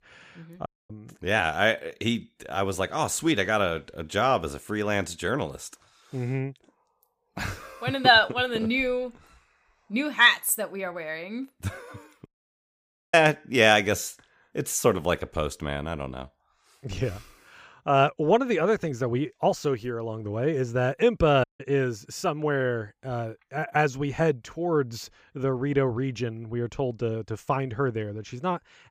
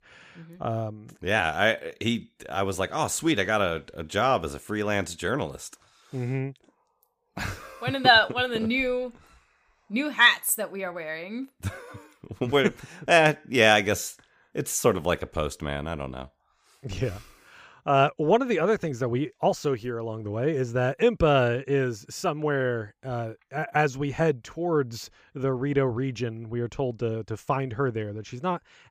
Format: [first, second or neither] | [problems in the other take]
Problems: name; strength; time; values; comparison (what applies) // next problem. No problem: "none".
second | audio cutting out; at 0.5 s, at 12 s for 1 s and at 21 s